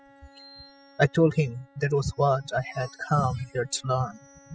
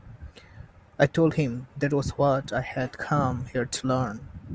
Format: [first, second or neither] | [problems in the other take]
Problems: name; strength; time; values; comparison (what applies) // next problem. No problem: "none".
second | noise reduction (classical method spectral subtraction)